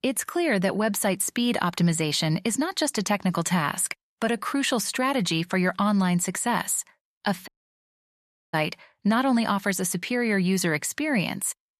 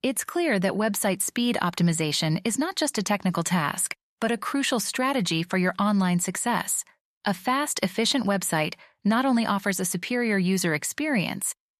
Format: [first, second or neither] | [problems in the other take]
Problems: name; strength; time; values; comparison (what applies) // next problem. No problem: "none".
second | audio cutting out; at 7.5 s for 1 s